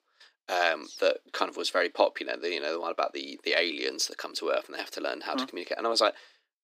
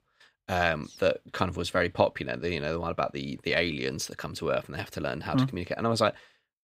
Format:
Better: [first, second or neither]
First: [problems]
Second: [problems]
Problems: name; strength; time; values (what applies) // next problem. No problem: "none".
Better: second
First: thin; somewhat; fading below 300 Hz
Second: none